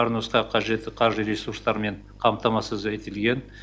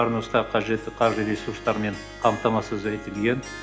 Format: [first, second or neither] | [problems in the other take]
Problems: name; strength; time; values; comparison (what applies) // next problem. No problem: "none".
first | background sound (Harp); 14 dB below the speech // room echo; dies away in 1.4 s